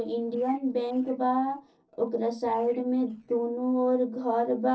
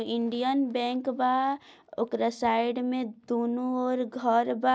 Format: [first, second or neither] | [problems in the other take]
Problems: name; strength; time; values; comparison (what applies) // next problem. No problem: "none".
second | noise reduction (neural separator model SepFormer DNS4)